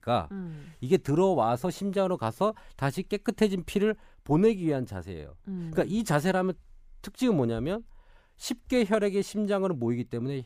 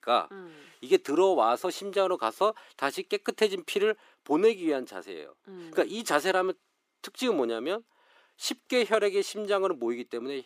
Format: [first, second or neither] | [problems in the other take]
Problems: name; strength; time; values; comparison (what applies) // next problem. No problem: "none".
first | thin; somewhat; fading below 300 Hz